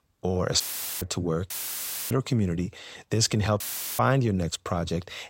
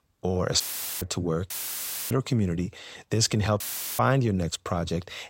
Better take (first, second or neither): neither